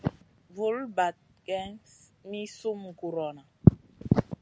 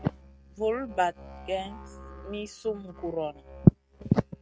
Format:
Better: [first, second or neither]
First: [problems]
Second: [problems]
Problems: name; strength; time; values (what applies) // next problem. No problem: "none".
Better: first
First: none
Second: noise reduction (neural mask model RNNoise)